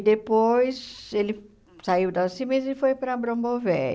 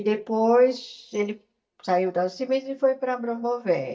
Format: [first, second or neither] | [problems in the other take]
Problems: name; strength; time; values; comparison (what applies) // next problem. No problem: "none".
first | noise reduction (neural mask model DeepFilterNet 3)